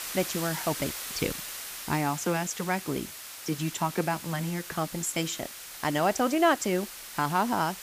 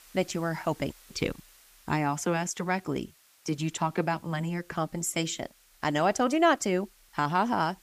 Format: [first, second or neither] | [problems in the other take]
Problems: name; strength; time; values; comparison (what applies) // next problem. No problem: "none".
second | hiss; loud; throughout; 8 dB below the speech; faint in the second